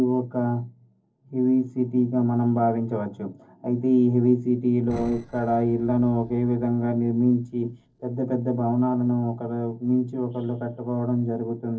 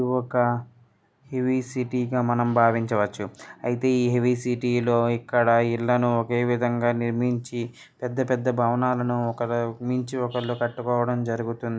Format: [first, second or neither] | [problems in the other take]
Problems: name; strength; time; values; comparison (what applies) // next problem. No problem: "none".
second | noise reduction (neural separator model SepFormer DNS4)